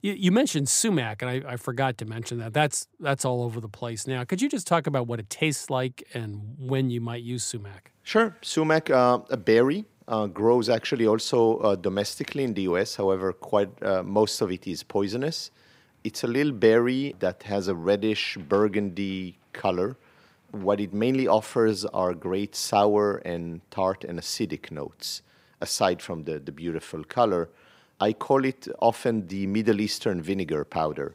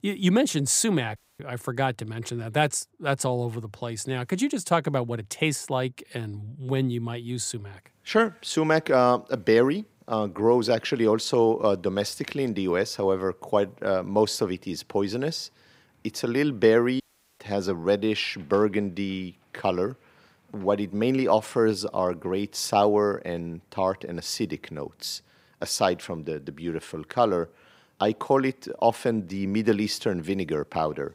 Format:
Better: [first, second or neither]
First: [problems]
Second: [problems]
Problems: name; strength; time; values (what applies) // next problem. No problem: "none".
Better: first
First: none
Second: audio cutting out; at 1 s and at 17 s